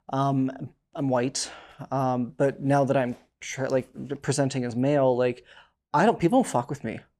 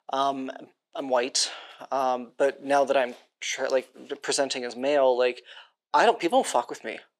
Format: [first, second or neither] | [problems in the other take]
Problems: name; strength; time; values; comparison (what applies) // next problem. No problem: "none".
first | thin; somewhat; fading below 400 Hz